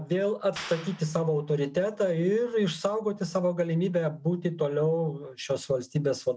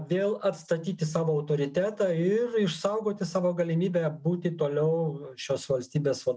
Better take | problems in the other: second | background sound (Clapping); 19 dB below the speech

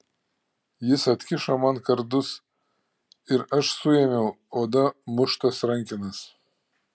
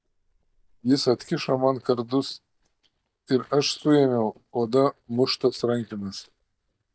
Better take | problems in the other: first | noise reduction (neural mask model DeepFilterNet 3)

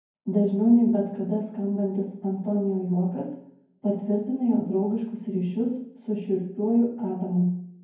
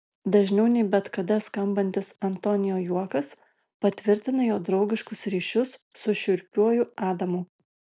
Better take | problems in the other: second | room echo; dies away in 0.9 s

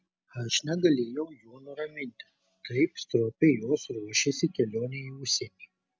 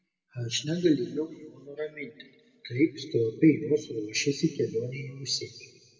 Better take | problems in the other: first | room echo; dies away in 1.6 s

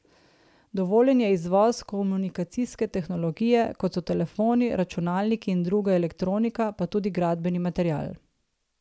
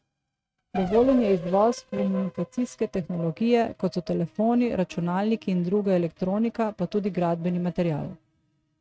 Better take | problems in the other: first | noise reduction (neural mask model RNNoise)

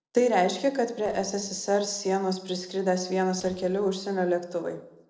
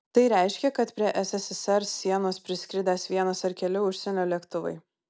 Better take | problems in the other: second | noise reduction (neural separator model SepFormer DNS4)

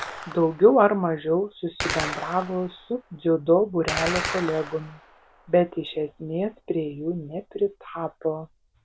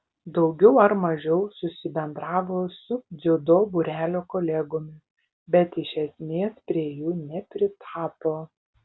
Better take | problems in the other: second | background sound (Gunshot, gunfire); 11 dB below the speech

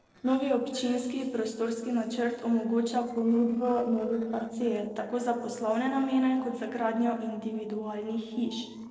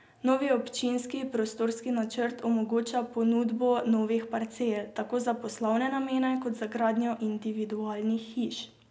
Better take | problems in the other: second | noise reduction (neural separator model SepFormer DNS4)

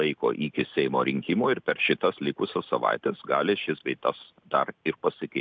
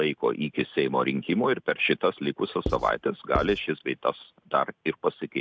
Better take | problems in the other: first | noise reduction (neural mask model RNNoise)

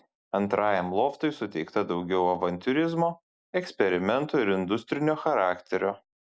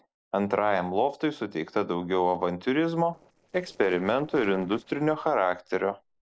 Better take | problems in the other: first | noise reduction (neural separator model SepFormer DNS4)

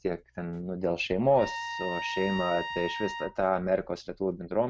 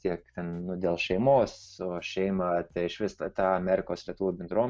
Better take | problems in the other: second | background sound (Trumpet); 7 dB below the speech

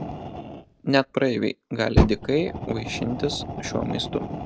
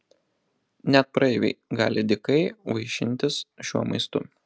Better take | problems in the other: second | background sound (Fire); 2 dB below the speech

